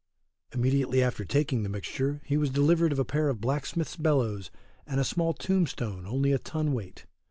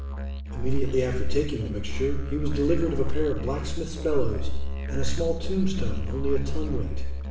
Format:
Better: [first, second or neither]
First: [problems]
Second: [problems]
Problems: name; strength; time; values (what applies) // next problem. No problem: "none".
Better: first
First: none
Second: background sound (Musical instrument); 9 dB below the speech // room echo; dies away in 0.7 s